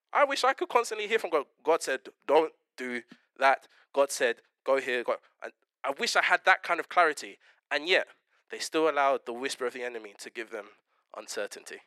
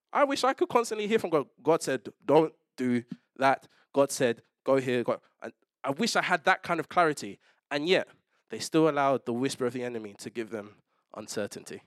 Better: second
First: thin; somewhat; fading below 500 Hz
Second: none

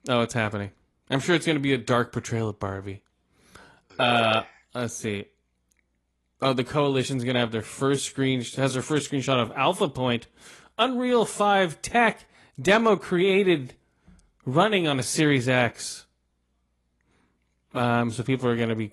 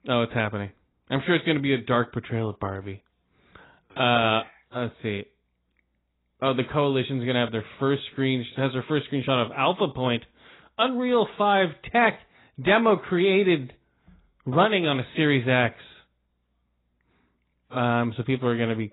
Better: first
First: garbled, watery; slightly; nothing above 11 kHz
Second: garbled, watery; badly; nothing above 4 kHz

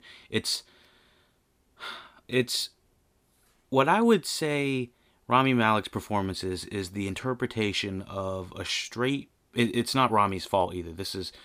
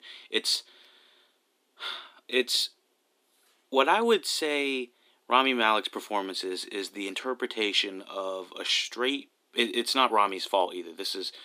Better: first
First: none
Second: thin; very slightly; fading below 300 Hz

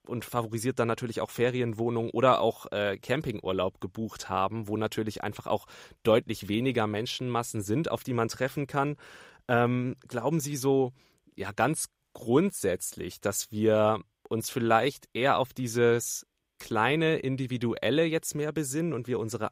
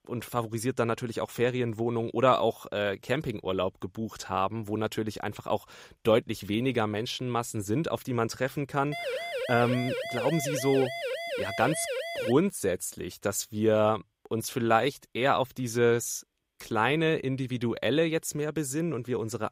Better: first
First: none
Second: siren; noticeable; from 9 to 12 s; peak 3 dB below the speech

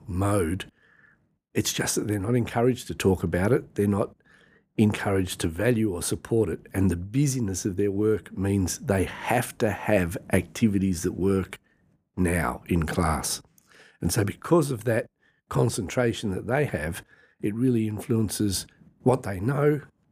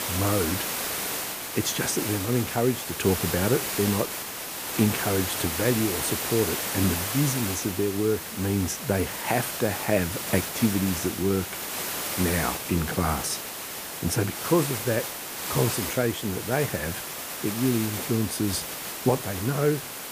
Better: first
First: none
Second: hiss; loud; throughout; 3 dB below the speech

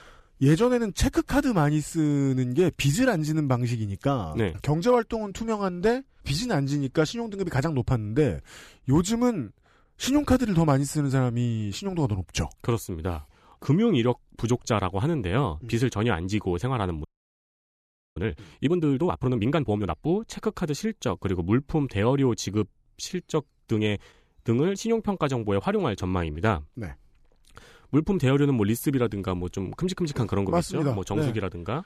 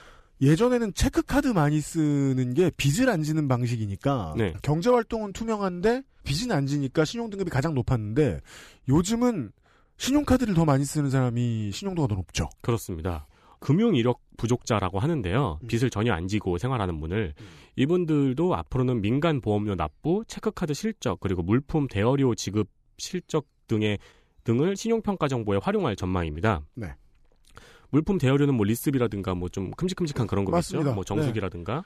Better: second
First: audio freezing; at 17 s for 1 s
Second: none

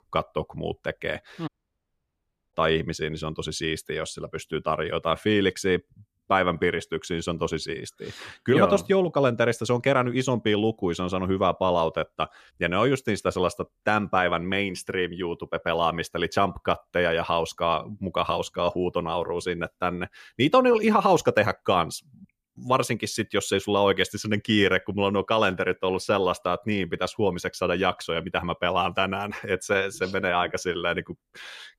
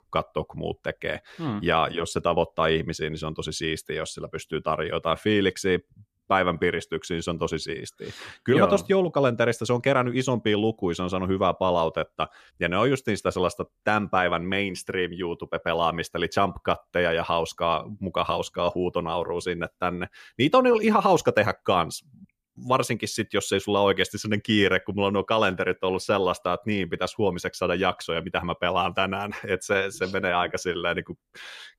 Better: second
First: audio cutting out; at 1.5 s for 1 s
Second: none

